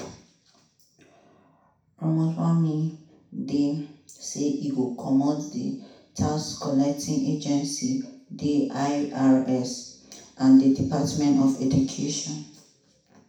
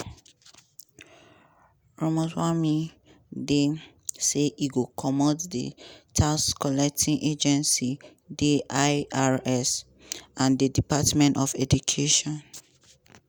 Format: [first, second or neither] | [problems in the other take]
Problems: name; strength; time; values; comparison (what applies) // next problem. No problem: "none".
second | room echo; dies away in 0.6 s